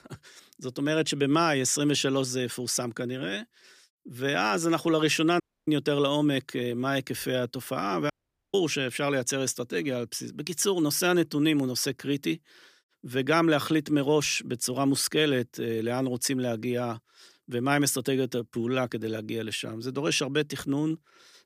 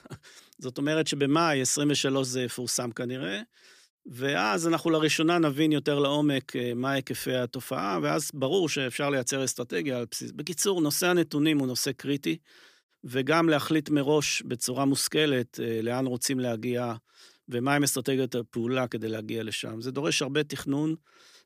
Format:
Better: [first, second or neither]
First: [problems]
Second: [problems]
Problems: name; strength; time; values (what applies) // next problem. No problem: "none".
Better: second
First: audio cutting out; at 5.5 s and at 8 s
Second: none